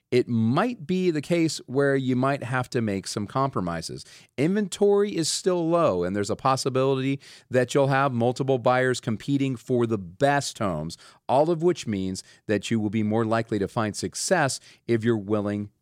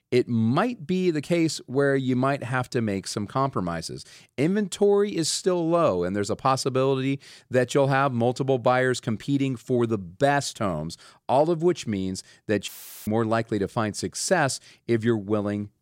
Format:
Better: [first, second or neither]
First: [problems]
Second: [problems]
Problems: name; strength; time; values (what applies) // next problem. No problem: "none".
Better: first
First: none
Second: audio cutting out; filled with static; at 13 s